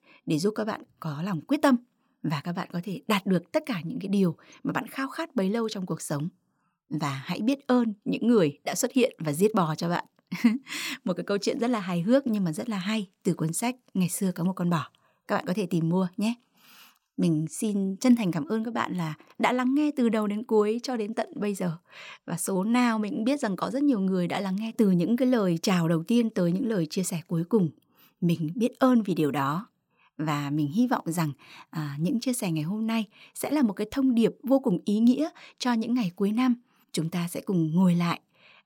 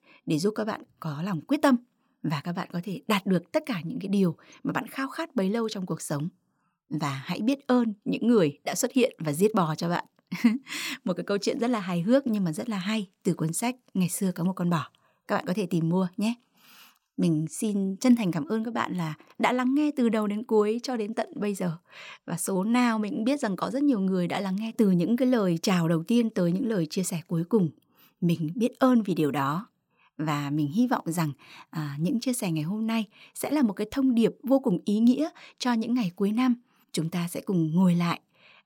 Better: neither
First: none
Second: none

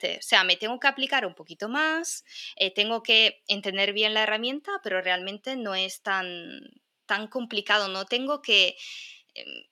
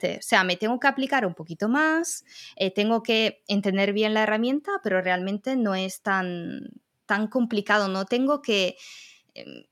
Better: second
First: thin; somewhat; fading below 350 Hz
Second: none

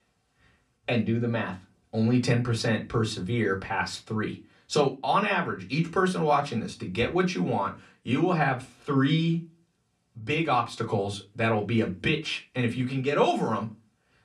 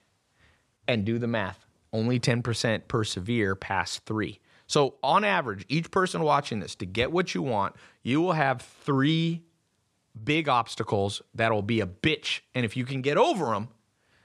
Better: second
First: off-mic speech; far // room echo; very slight; dies away in 0.2 s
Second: none

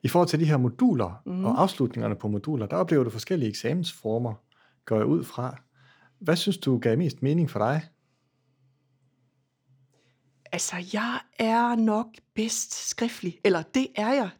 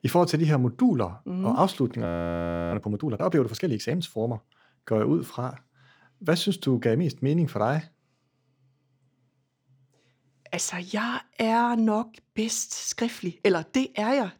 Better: first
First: none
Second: audio freezing; at 2 s for 0.5 s

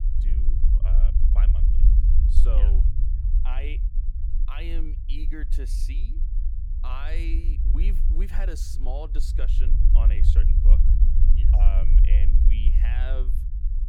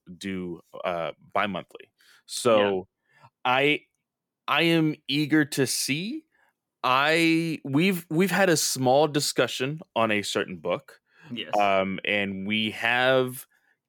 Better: second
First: low rumble; loud; throughout; 4 dB below the speech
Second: none

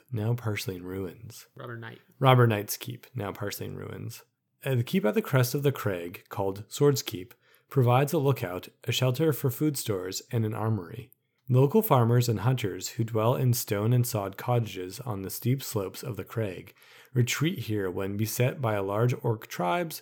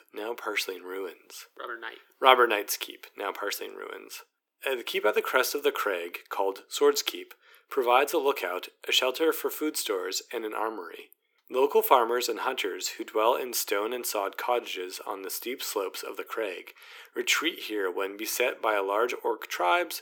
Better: first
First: none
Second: thin; very; fading below 350 Hz

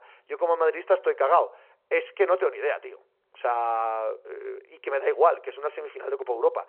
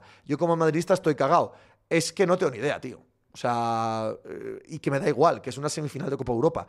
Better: second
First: phone-call audio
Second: none

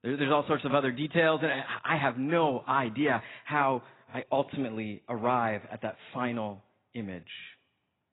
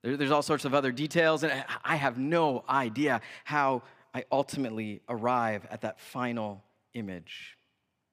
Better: second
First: garbled, watery; badly; nothing above 4 kHz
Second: none

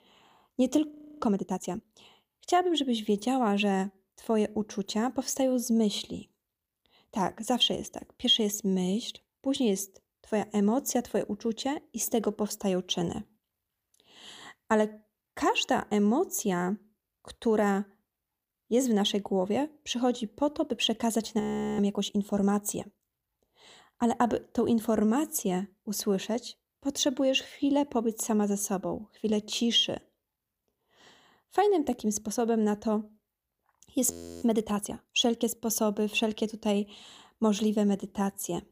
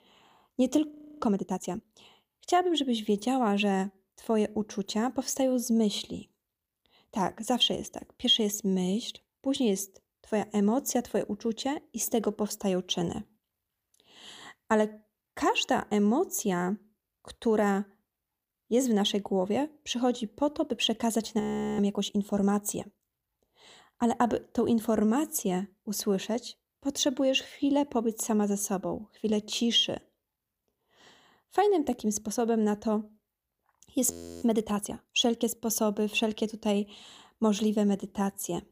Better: neither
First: audio freezing; at 1 s, at 21 s and at 34 s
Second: audio freezing; at 1 s, at 21 s and at 34 s

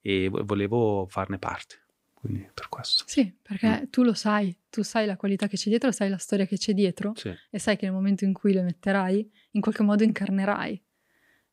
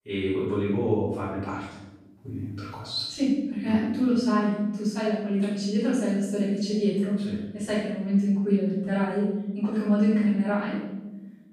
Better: first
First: none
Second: off-mic speech; far // room echo; strong; dies away in 1.1 s

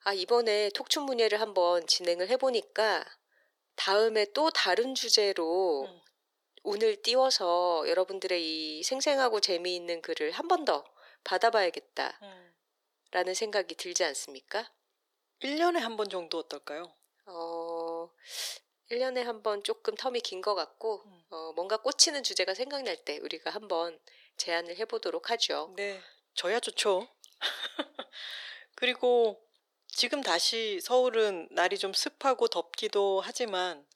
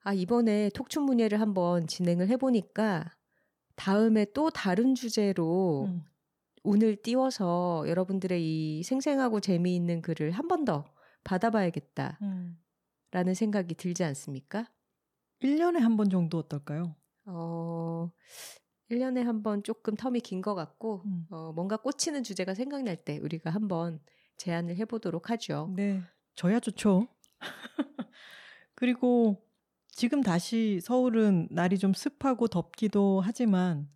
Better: second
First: thin; very; fading below 400 Hz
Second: none

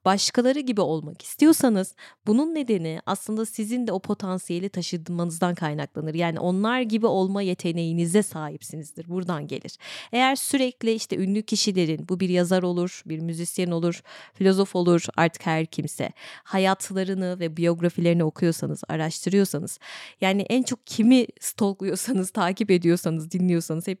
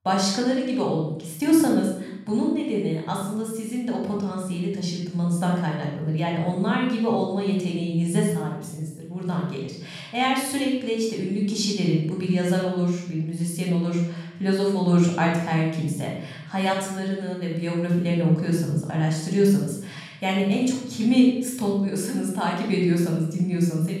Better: first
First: none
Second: off-mic speech; far // room echo; noticeable; dies away in 0.9 s

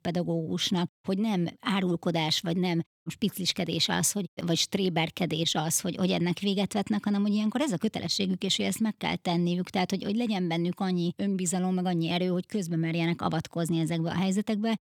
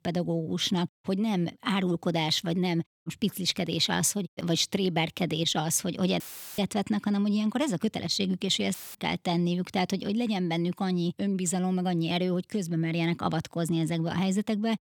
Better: first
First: none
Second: audio cutting out; filled with static; at 6 s and at 8.5 s

